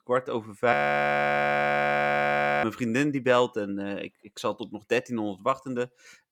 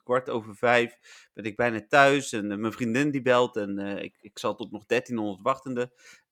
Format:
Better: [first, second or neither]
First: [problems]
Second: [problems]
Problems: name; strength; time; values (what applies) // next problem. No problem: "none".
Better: second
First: audio freezing; at 0.5 s for 2 s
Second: none